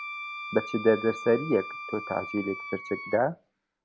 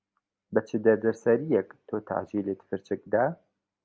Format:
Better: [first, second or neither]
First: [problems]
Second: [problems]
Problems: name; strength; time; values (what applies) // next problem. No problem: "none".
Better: second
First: background sound (Wind instrument, woodwind instrument); 11 dB below the speech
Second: none